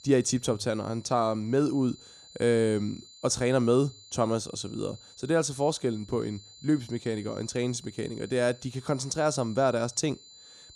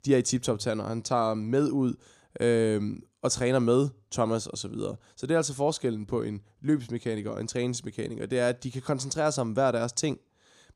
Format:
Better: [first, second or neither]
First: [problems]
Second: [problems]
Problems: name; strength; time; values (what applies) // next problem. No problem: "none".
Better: second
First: high-pitched whine; faint; throughout; 4 kHz, 20 dB below the speech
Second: none